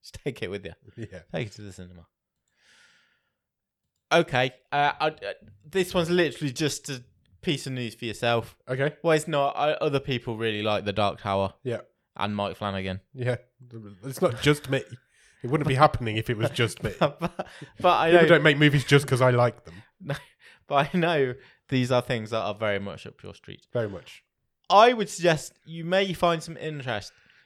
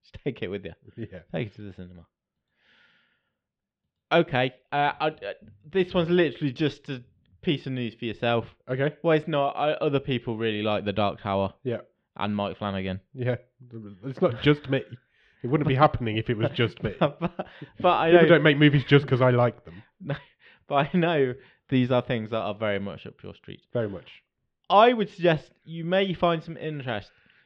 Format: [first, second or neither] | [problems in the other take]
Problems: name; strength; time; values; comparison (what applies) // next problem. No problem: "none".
first | muffled; slightly; fading above 3.5 kHz